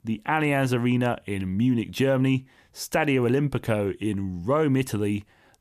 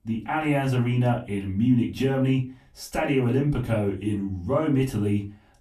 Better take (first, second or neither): first